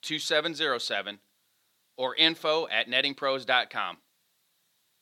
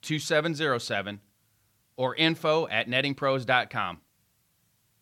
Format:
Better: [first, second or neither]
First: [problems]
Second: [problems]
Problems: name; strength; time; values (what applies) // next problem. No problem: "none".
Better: second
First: thin; somewhat; fading below 300 Hz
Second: none